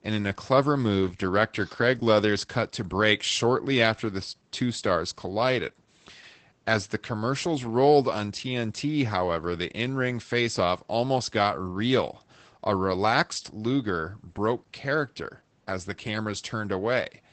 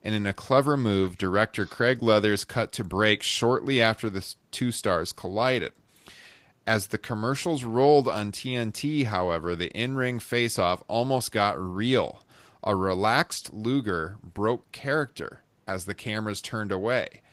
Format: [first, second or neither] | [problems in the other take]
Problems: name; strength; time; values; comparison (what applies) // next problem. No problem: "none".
second | garbled, watery; badly; nothing above 8 kHz; slightly in the second